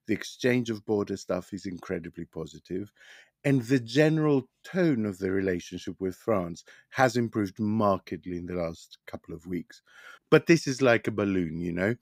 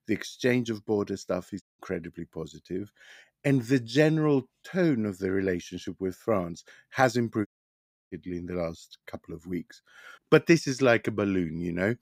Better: first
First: none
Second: audio cutting out; at 1.5 s and at 7.5 s for 0.5 s

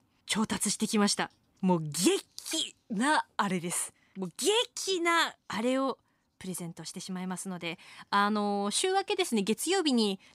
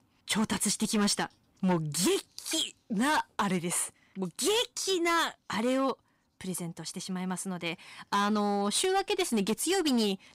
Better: first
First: none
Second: distortion; slight; 8% of the sound clipped

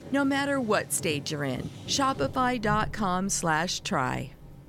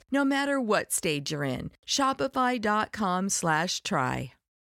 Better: second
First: rain or running water; noticeable; throughout; 15 dB below the speech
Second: none

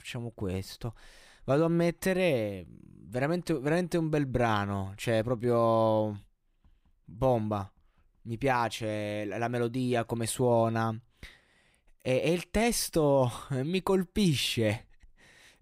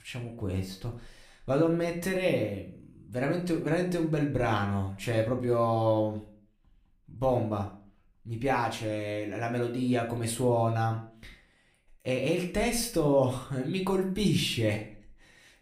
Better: first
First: none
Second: room echo; slight; dies away in 0.4 s // off-mic speech; somewhat distant

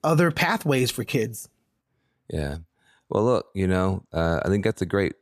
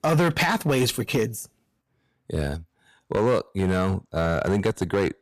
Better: first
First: none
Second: distortion; slight; 6% of the sound clipped

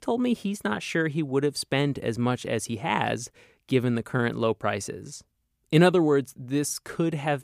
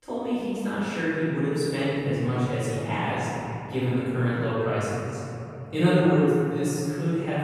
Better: first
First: none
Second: room echo; strong; dies away in 3 s // off-mic speech; far

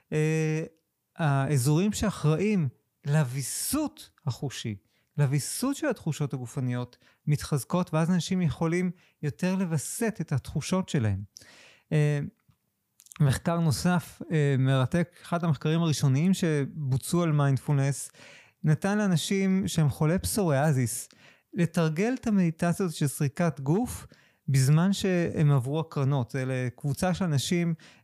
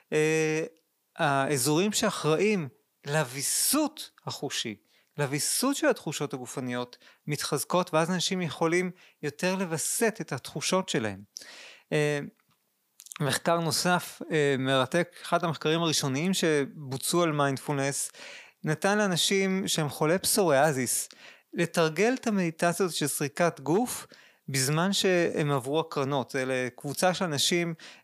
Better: first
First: none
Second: thin; somewhat; fading below 300 Hz

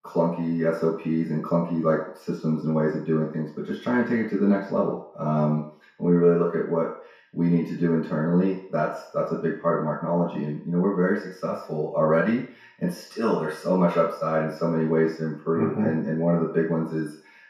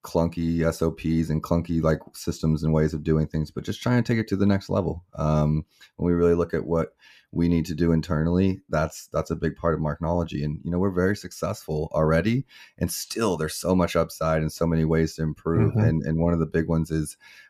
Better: second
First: room echo; noticeable; dies away in 0.6 s // off-mic speech; far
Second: none

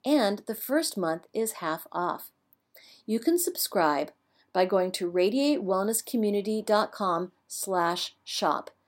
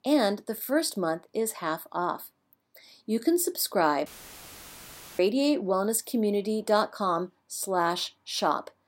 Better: first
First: none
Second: audio cutting out; filled with static; at 4 s for 1 s

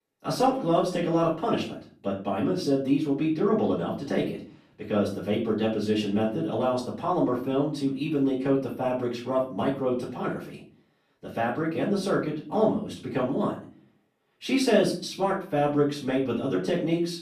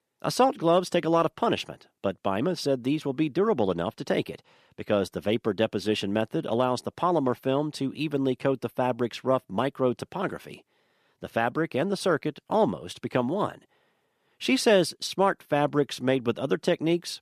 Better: second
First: off-mic speech; far // room echo; slight; dies away in 0.4 s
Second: none

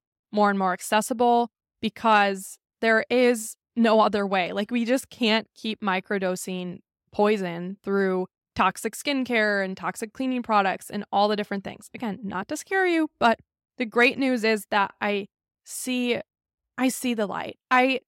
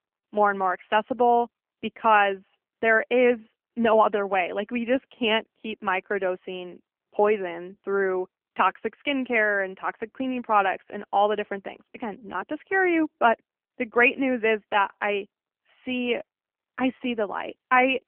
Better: first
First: none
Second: phone-call audio; nothing above 3 kHz

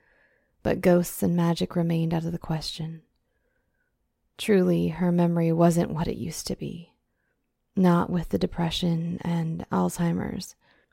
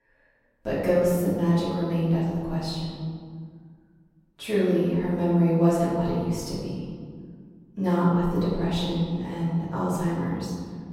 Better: first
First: none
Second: off-mic speech; far // room echo; strong; dies away in 2 s

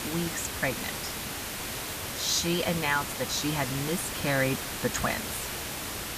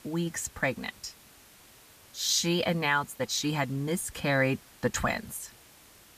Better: second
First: hiss; loud; throughout; 3 dB below the speech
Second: hiss; faint; throughout; 25 dB below the speech

